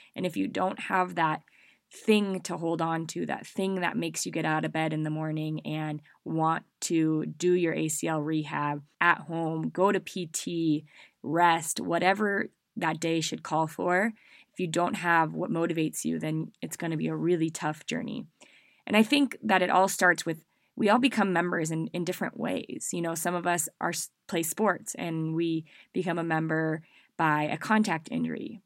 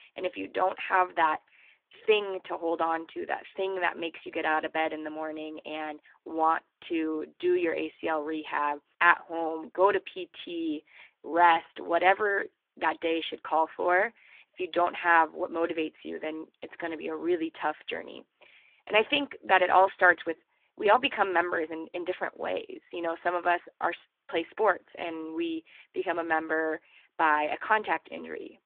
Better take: first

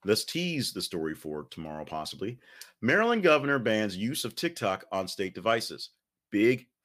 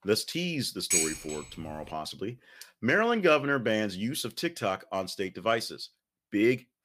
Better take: first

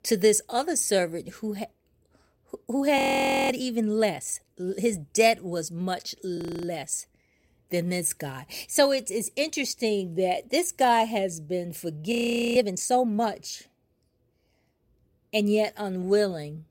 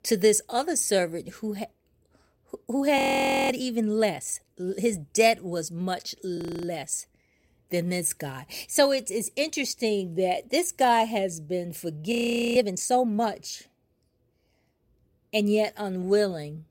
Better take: neither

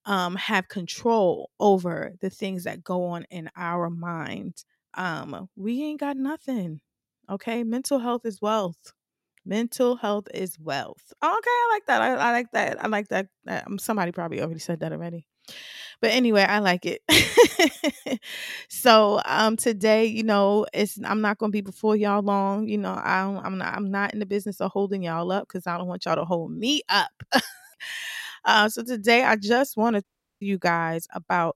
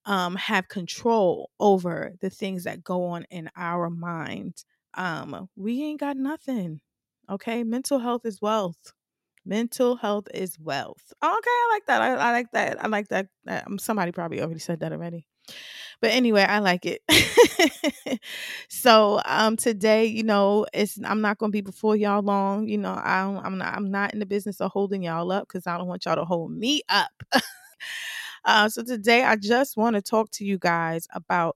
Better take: second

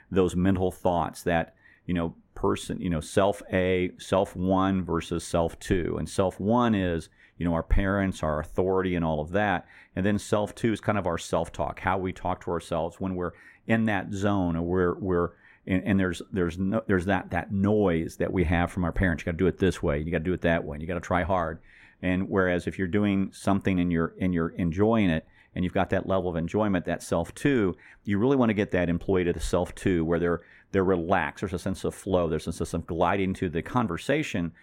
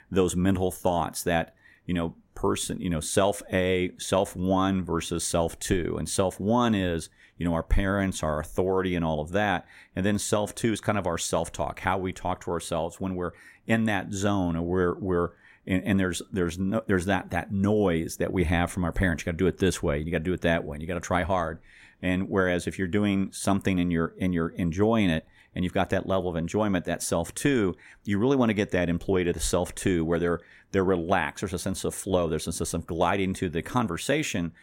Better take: second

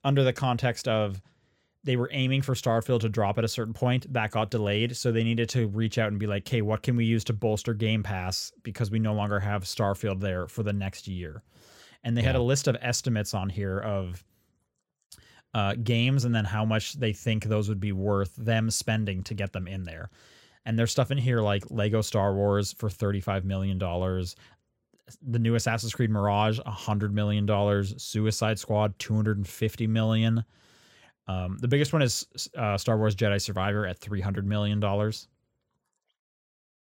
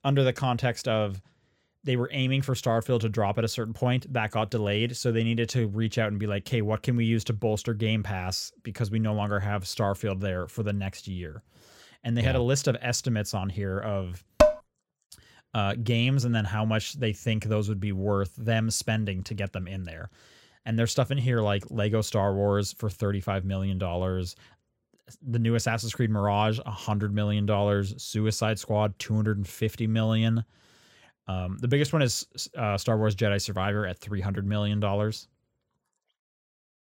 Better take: first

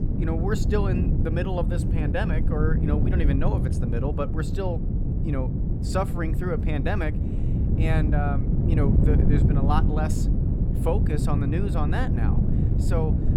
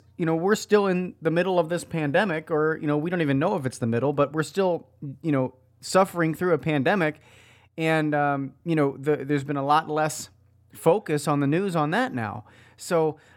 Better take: second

